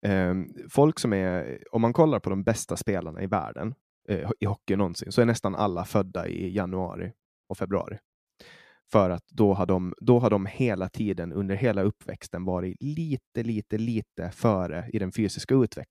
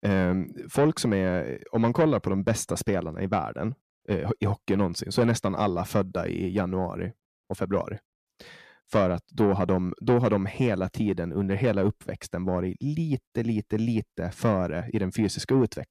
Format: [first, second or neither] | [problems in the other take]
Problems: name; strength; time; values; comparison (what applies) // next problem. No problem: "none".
first | distortion; slight; 10 dB below the speech